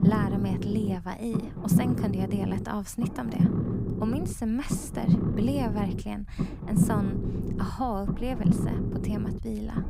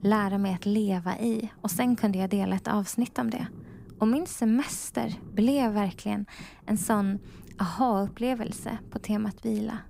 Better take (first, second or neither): second